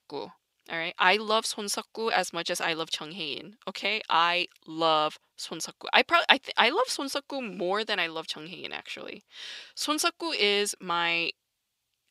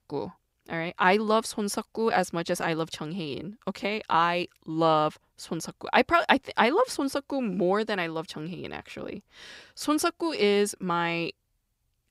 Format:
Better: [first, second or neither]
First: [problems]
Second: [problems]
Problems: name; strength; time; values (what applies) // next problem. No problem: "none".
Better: second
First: thin; very slightly; fading below 550 Hz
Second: none